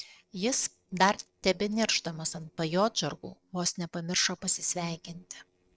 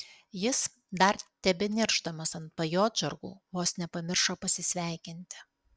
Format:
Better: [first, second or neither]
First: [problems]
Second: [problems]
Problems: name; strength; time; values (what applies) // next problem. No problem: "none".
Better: second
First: noise reduction (neural separator model SepFormer DNS4)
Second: none